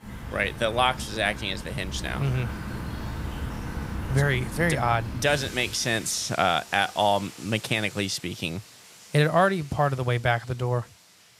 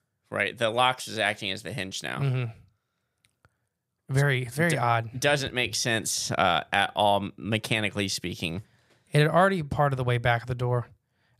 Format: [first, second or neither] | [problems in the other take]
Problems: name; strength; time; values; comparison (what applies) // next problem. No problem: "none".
second | rain or running water; noticeable; throughout; 10 dB below the speech